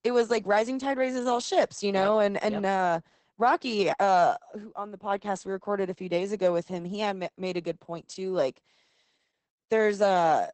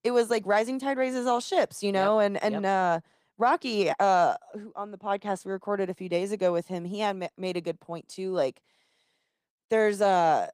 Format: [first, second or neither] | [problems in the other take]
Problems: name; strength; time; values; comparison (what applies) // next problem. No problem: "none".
second | garbled, watery; badly; nothing above 8 kHz; slightly in the second